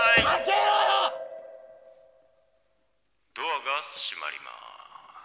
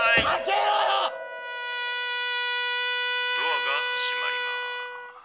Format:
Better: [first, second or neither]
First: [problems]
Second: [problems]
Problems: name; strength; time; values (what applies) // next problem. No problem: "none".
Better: first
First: none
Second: background sound (Trumpet); 1 dB below the speech